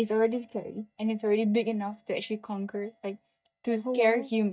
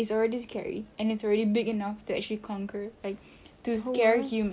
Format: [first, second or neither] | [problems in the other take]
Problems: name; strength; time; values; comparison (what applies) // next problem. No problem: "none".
second | noise reduction (neural mask model DeepFilterNet 3)